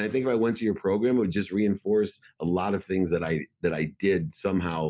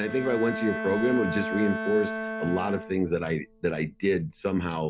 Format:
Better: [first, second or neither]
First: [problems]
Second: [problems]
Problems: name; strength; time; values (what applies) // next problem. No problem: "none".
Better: first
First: none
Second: background sound (Bowed string instrument); 7 dB below the speech